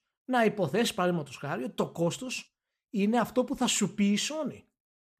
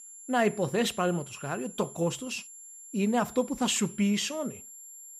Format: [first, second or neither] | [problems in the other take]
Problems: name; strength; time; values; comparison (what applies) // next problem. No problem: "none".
first | high-pitched whine; noticeable; throughout; 7.5 kHz, 15 dB below the speech